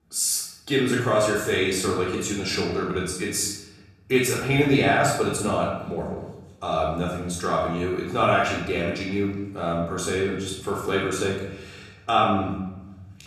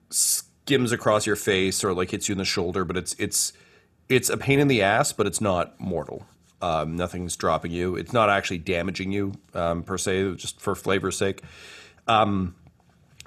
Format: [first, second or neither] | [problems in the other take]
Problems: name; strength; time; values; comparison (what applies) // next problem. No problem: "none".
second | off-mic speech; far // room echo; noticeable; dies away in 0.8 s